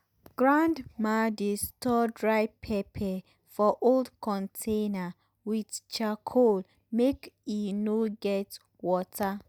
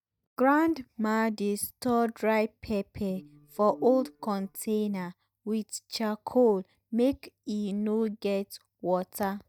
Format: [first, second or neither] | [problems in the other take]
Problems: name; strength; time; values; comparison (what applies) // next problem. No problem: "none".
first | noise reduction (neural mask model DeepFilterNet 3)